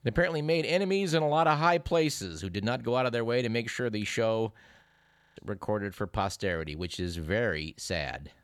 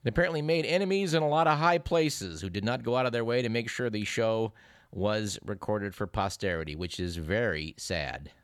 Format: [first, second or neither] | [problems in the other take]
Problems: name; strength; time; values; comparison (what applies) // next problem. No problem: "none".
second | audio freezing; at 5 s for 0.5 s